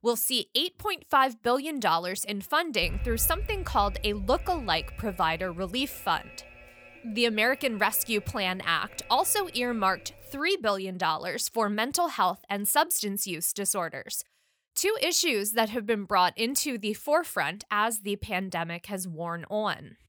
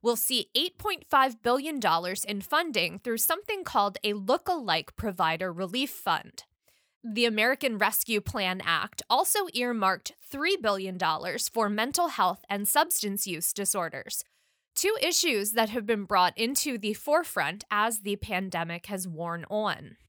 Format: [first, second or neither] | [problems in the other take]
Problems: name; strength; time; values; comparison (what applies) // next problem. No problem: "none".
second | alarm; noticeable; from 3 to 10 s; peak 7 dB below the speech